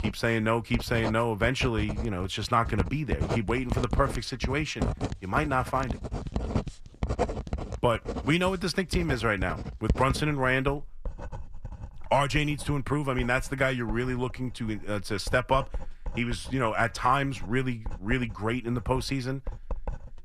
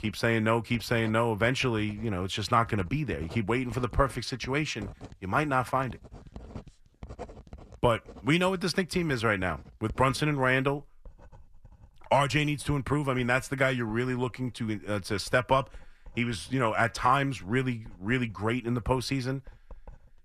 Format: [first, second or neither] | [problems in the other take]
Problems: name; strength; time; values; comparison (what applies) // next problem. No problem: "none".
second | household noises; loud; throughout; 8 dB below the speech; faint in the second